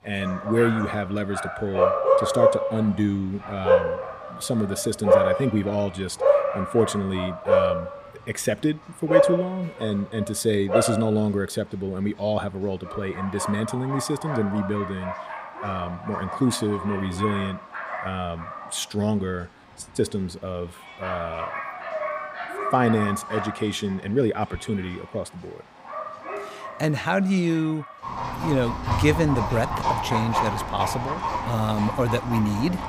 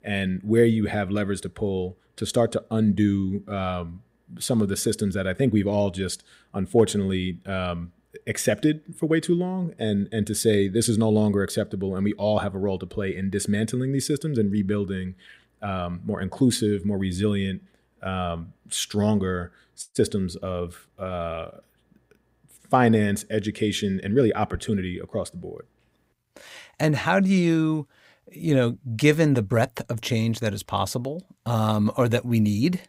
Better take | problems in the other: second | animal sounds; loud; throughout; 1 dB below the speech

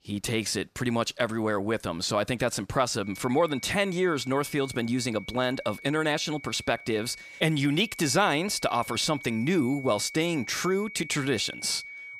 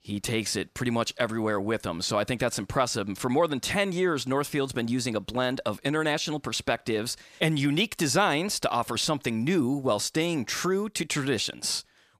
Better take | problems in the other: second | high-pitched whine; noticeable; from 3 s on; 2.5 kHz, 15 dB below the speech

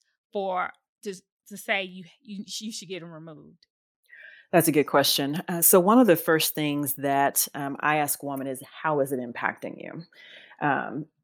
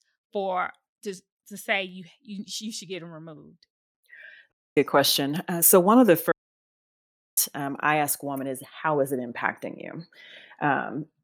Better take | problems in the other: first | audio cutting out; at 4.5 s and at 6.5 s for 1 s

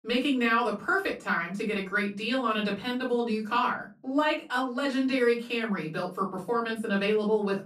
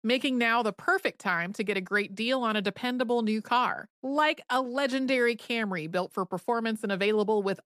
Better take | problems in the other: second | off-mic speech; far // room echo; slight; dies away in 0.3 s

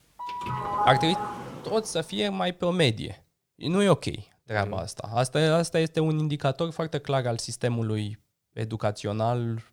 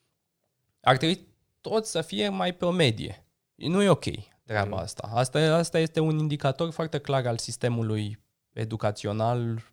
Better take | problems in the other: second | doorbell; loud; until 1.5 s; peak level with the speech

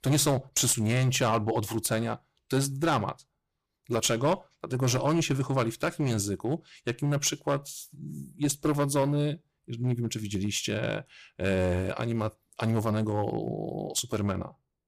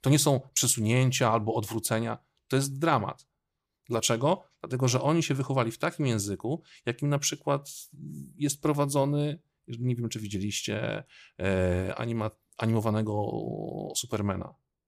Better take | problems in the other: second | distortion; slight; 5% of the sound clipped

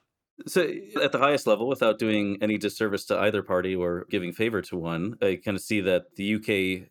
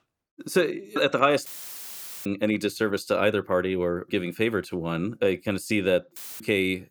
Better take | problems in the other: first | audio cutting out; filled with static; at 1.5 s for 1 s and at 6 s

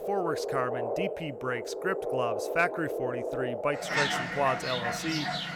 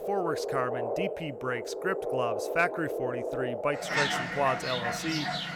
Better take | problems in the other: neither | animal sounds; loud; throughout; as loud as the speech; the same in both

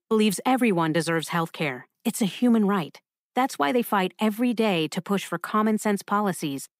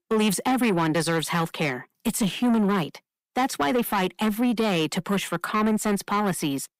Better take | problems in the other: first | distortion; slight; 10 dB below the speech

